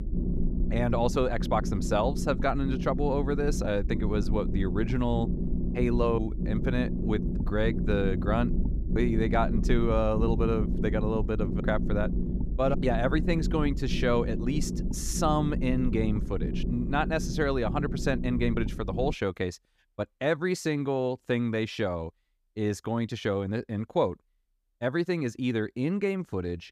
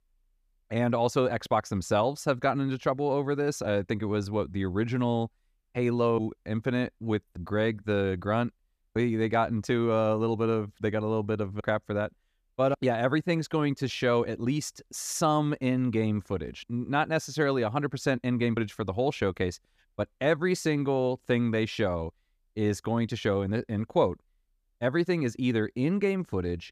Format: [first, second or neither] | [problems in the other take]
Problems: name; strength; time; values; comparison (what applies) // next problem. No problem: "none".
second | low rumble; loud; until 19 s; 10 dB below the speech